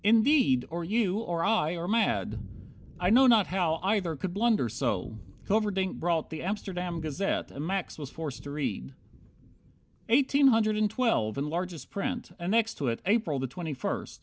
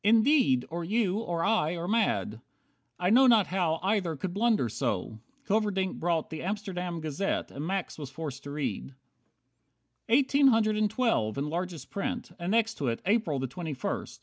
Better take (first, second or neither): second